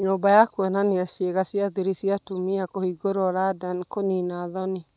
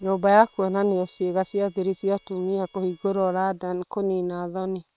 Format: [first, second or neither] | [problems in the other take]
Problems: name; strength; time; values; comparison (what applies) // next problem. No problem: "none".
first | noise reduction (neural separator model SepFormer WHAM!)